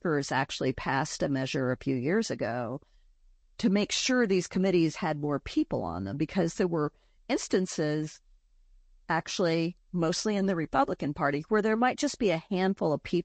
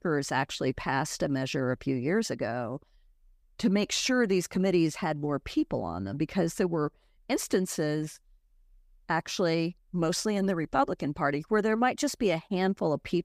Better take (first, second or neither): second